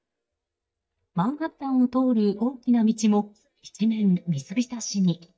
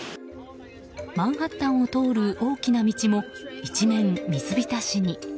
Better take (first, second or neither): second